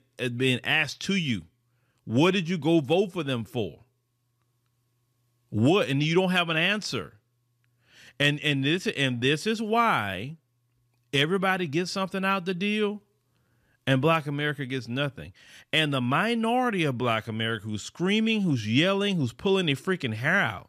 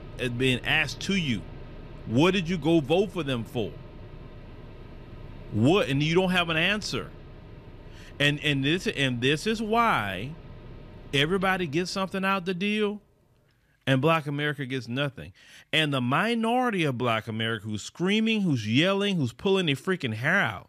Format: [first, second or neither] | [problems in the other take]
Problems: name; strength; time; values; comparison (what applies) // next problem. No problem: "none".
first | machinery noise; faint; throughout; 20 dB below the speech